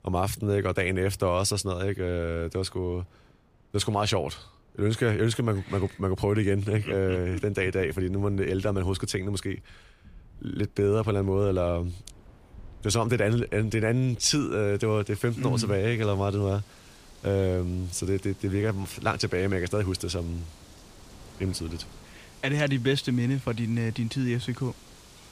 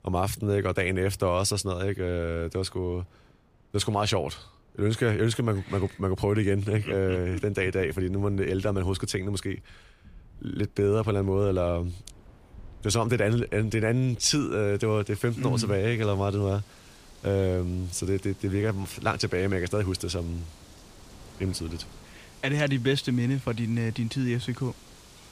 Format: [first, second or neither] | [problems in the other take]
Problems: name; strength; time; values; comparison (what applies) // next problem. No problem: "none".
neither | wind in the background; faint; throughout; 25 dB below the speech; the same in both